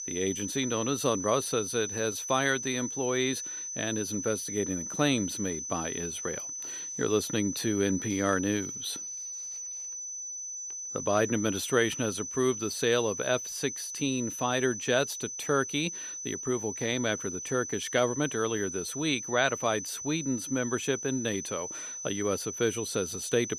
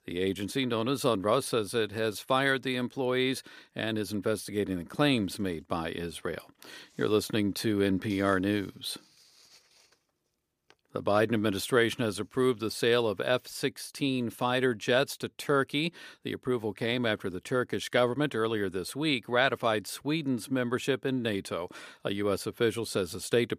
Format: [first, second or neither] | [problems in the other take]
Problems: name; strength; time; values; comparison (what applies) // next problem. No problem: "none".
second | high-pitched whine; loud; throughout; 6 kHz, 5 dB below the speech